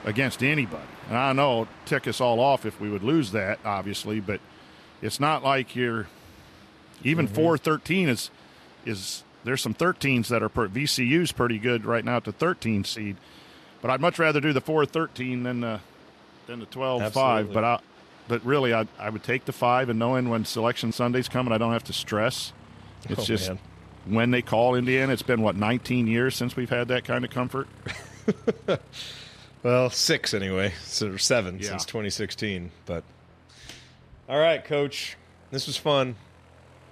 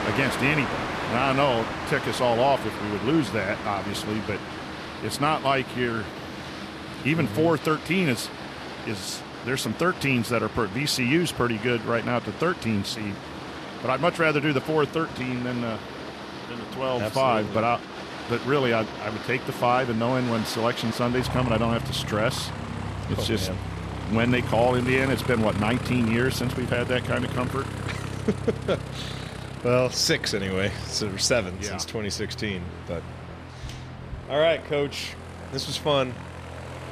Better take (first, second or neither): first